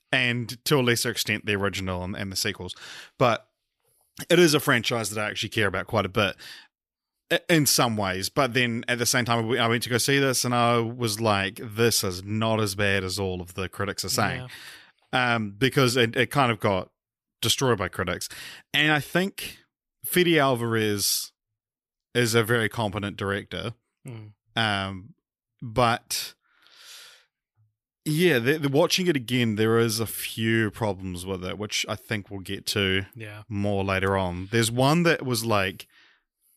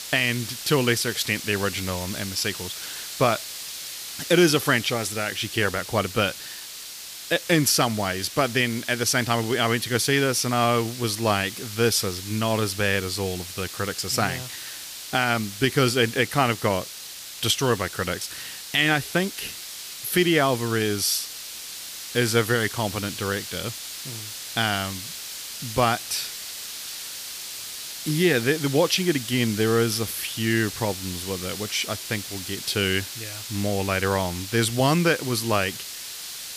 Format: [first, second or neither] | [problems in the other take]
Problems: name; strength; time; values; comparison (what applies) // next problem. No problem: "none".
first | hiss; loud; throughout; 10 dB below the speech